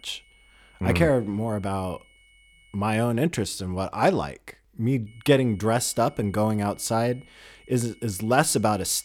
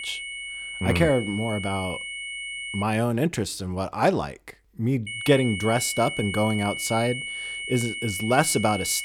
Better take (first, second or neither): first